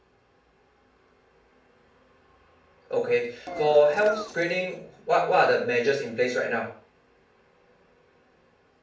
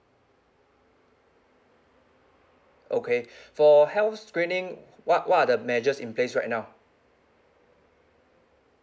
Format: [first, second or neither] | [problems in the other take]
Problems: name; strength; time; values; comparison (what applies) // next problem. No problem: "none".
second | background sound (Engine); 10 dB below the speech // room echo; dies away in 0.4 s